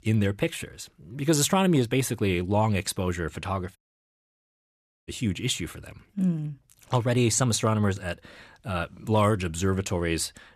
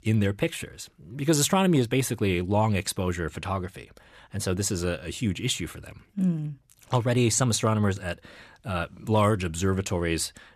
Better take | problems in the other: second | audio cutting out; at 4 s for 1.5 s

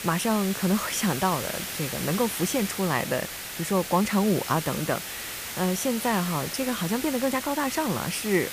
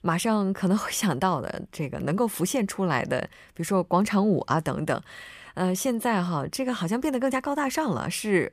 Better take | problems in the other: second | hiss; loud; throughout; 6 dB below the speech

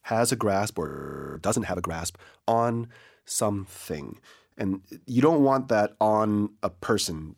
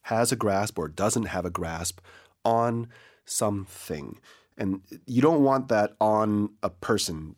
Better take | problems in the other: second | audio freezing; at 1 s

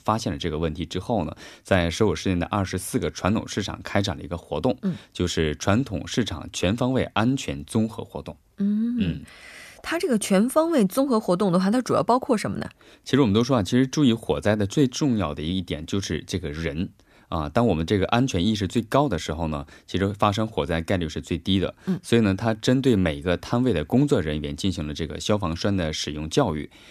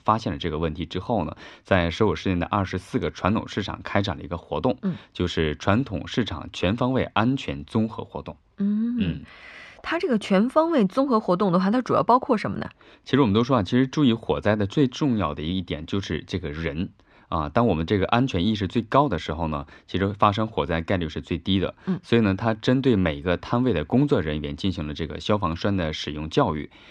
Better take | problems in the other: first | muffled; slightly; fading above 3.5 kHz

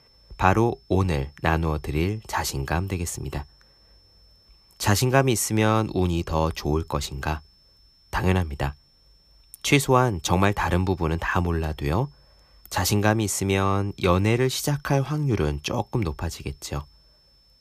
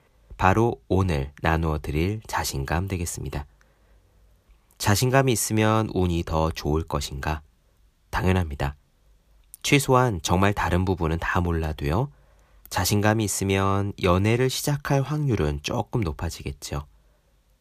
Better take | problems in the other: second | high-pitched whine; faint; throughout; 5.5 kHz, 35 dB below the speech

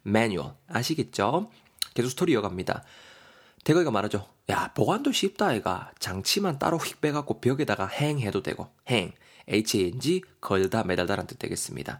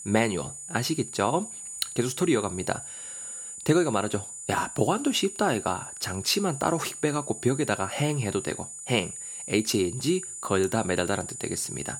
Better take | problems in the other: first | high-pitched whine; loud; throughout; 7 kHz, 9 dB below the speech

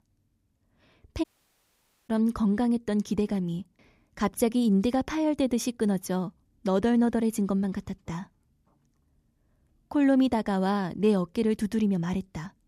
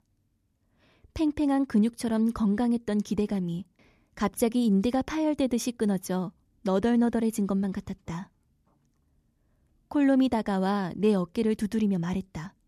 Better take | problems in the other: second | audio cutting out; at 1 s for 1 s

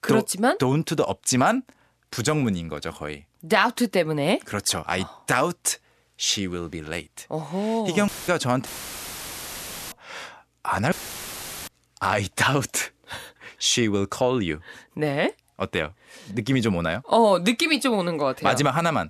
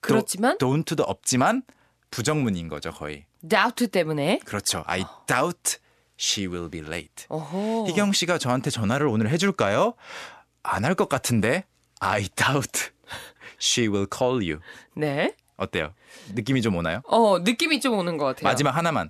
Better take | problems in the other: second | audio cutting out; filled with static; at 8 s, at 8.5 s for 1.5 s and at 11 s for 1 s

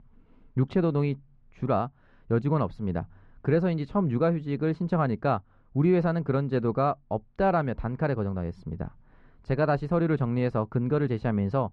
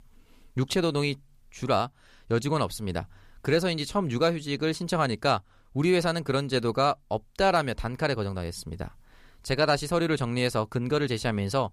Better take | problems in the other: second | muffled; very; fading above 1.5 kHz

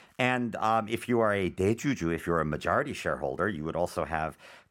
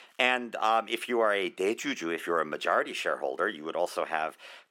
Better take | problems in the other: first | thin; somewhat; fading below 350 Hz

